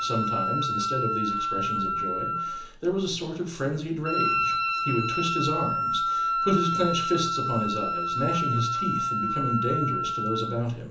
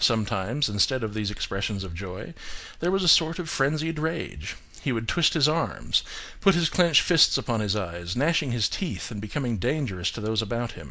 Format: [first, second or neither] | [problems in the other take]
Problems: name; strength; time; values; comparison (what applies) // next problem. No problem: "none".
second | background sound (Wind instrument, woodwind instrument); 1 dB above the speech // room echo; dies away in 0.7 s